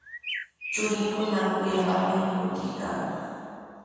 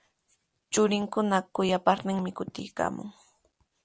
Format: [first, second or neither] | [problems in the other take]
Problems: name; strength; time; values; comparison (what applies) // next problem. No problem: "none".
second | background sound (Bird); 10 dB below the speech // room echo; dies away in 2.1 s